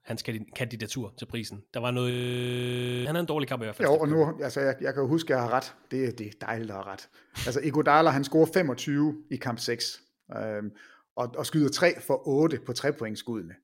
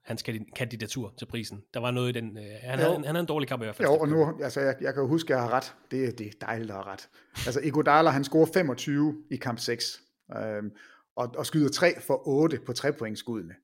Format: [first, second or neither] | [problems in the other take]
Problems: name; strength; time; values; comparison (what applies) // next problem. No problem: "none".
second | audio freezing; at 2 s for 1 s